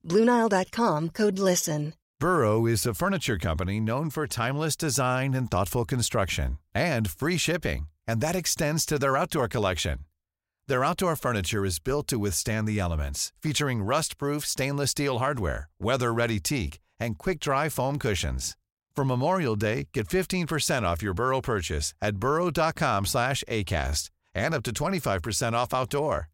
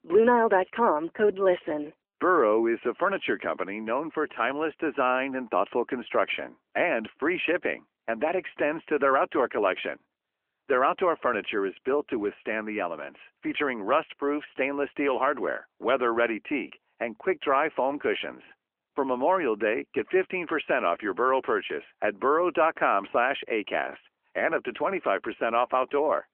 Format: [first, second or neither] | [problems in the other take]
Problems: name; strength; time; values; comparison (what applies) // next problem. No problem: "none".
first | phone-call audio; nothing above 3 kHz